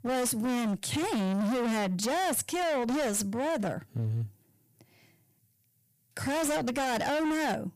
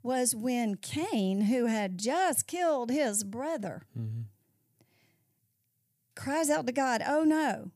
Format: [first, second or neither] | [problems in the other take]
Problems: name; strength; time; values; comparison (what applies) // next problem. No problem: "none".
second | distortion; heavy; 32% of the sound clipped